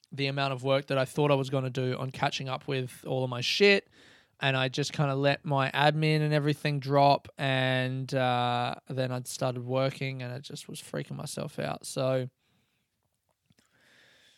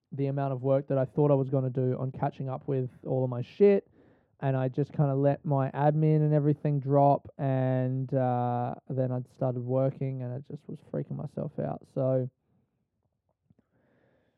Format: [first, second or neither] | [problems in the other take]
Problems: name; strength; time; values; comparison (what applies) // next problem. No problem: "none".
first | muffled; very; fading above 1.5 kHz